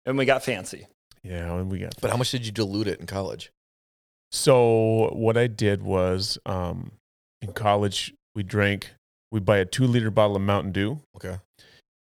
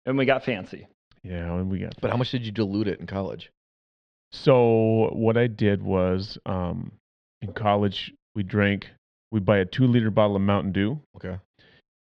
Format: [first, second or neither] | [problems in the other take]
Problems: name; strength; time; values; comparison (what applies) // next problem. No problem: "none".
first | muffled; slightly; fading above 3.5 kHz